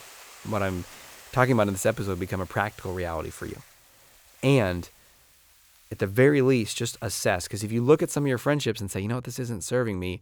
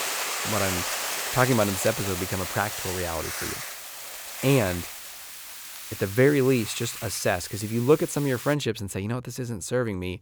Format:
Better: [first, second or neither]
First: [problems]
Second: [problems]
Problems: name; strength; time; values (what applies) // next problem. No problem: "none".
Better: first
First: hiss; faint; until 8.5 s; 25 dB below the speech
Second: hiss; loud; until 8.5 s; 5 dB below the speech